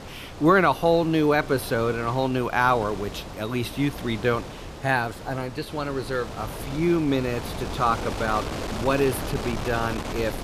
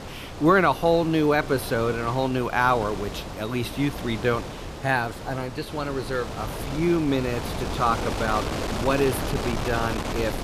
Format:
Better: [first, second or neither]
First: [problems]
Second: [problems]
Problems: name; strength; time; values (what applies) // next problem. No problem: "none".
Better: first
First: wind noise on the microphone; occasional gusts; 10 dB below the speech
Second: wind noise on the microphone; heavy; 9 dB below the speech